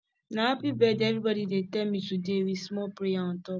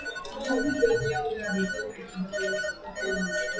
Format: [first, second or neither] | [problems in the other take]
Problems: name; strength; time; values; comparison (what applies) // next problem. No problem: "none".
first | noise reduction (classical method WPE with log-MMSE)